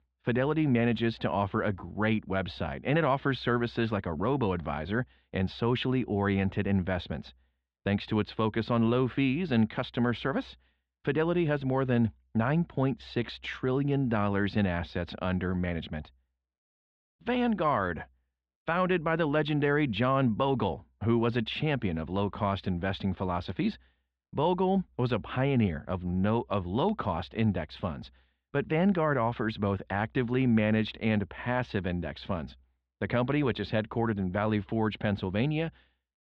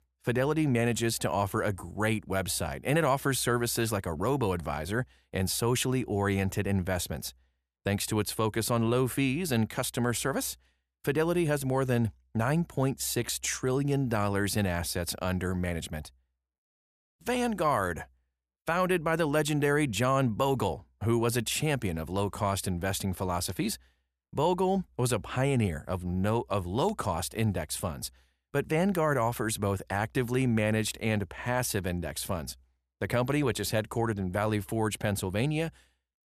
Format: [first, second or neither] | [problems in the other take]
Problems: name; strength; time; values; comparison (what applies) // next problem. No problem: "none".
second | muffled; very; fading above 3.5 kHz